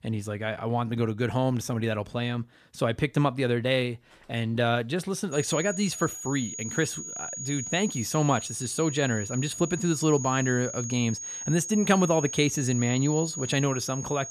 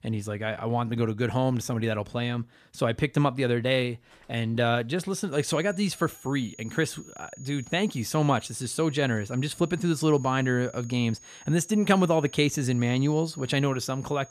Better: second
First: high-pitched whine; loud; from 5.5 s on; 6.5 kHz, 7 dB below the speech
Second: high-pitched whine; faint; from 5.5 s on; 6.5 kHz, 20 dB below the speech

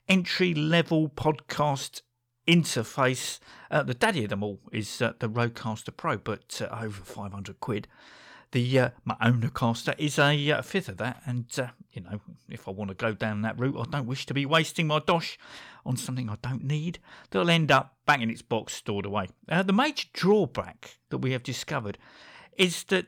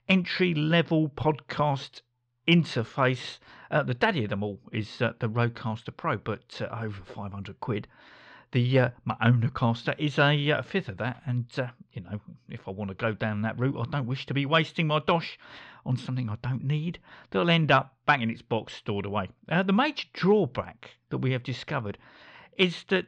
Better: first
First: none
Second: muffled; very slightly; fading above 4 kHz

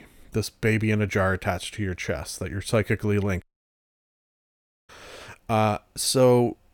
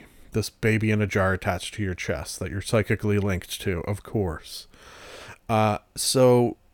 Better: second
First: audio cutting out; at 3.5 s for 1.5 s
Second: none

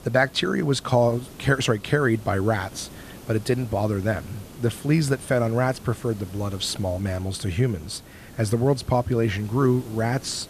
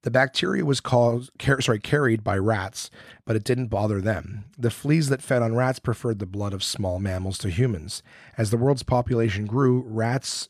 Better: second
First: hiss; noticeable; throughout; 20 dB below the speech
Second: none

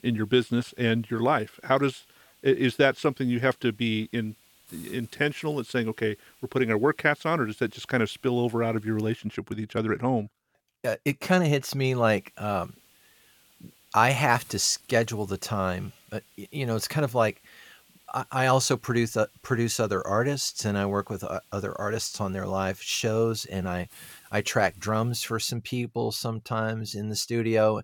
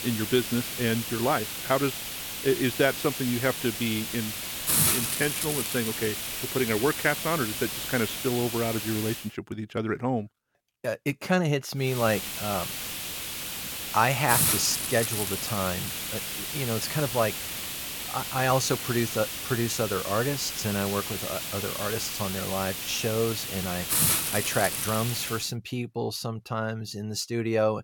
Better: first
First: hiss; faint; until 9 s and from 12 to 25 s; 30 dB below the speech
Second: hiss; loud; until 9 s and from 12 to 25 s; 1 dB below the speech

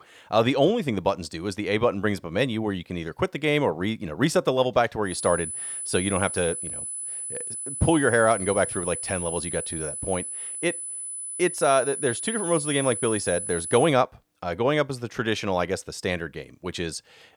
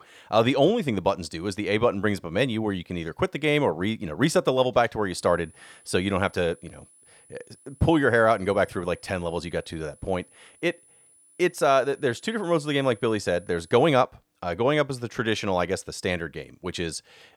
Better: second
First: high-pitched whine; loud; from 5 to 14 s; 10 kHz, 5 dB below the speech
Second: high-pitched whine; faint; from 5 to 14 s; 10 kHz, 30 dB below the speech

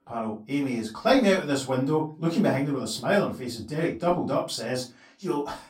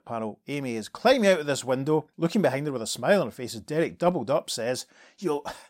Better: second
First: off-mic speech; far // room echo; very slight; dies away in 0.2 s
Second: none

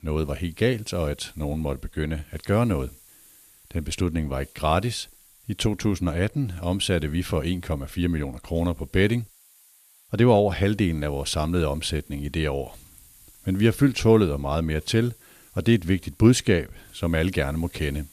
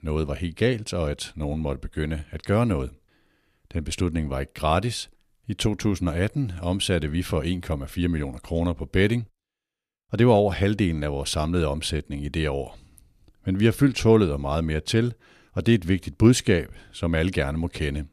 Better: second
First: hiss; faint; throughout; 25 dB below the speech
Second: none

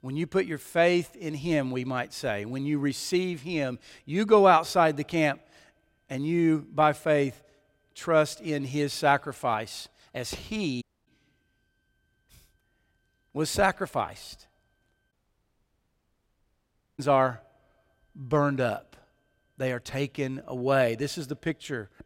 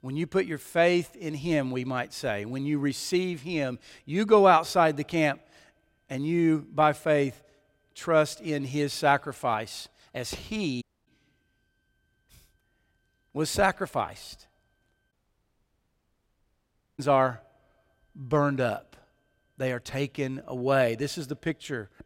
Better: neither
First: audio cutting out; at 11 s and at 15 s for 2 s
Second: audio cutting out; at 11 s and at 15 s for 2 s

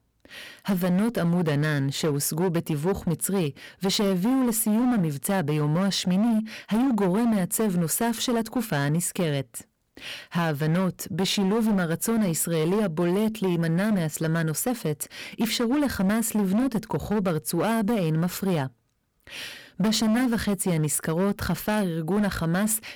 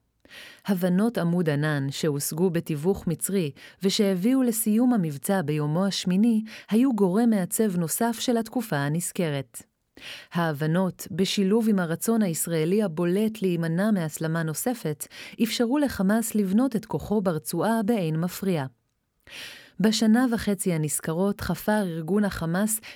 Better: second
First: distortion; slight; 17% of the sound clipped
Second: none

